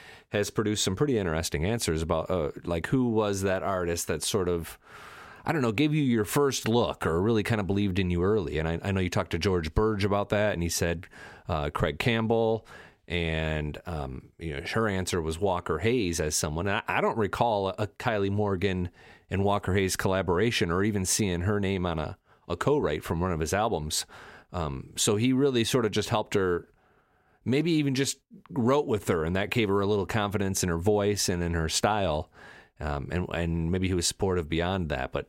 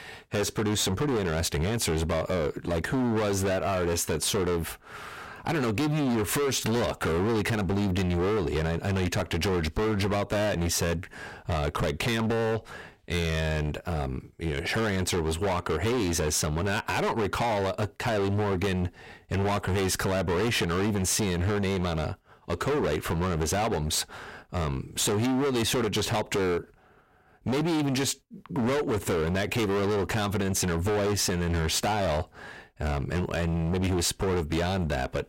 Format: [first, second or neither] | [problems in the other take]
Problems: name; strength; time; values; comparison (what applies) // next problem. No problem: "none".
first | distortion; heavy; 29% of the sound clipped